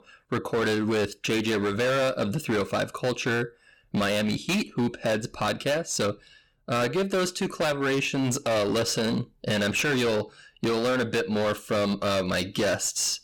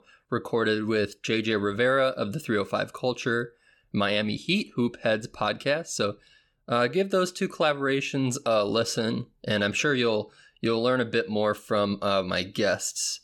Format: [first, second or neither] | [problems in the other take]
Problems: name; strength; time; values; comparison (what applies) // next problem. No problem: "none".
second | distortion; heavy; 20% of the sound clipped